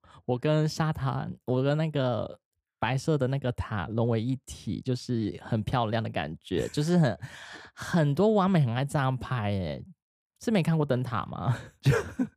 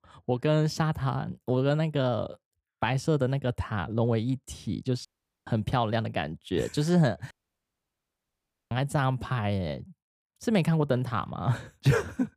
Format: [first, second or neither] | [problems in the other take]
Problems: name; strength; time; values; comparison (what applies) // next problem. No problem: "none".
first | audio cutting out; at 5 s and at 7.5 s for 1.5 s